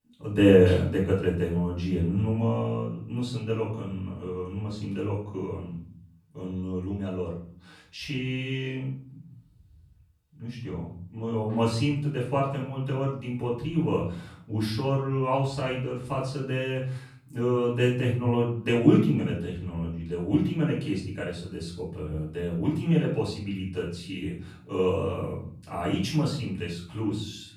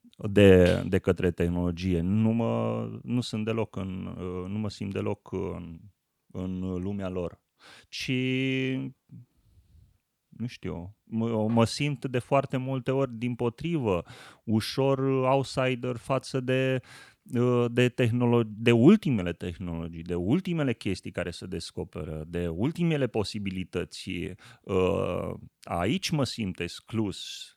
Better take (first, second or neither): second